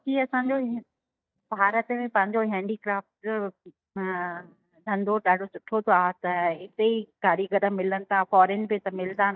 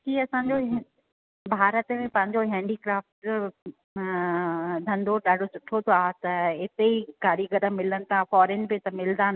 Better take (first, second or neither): second